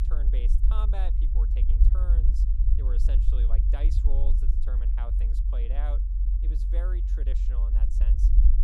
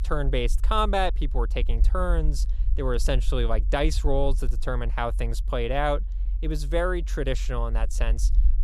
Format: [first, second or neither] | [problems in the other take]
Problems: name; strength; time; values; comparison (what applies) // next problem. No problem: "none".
second | low rumble; loud; throughout; 2 dB below the speech; faint in the second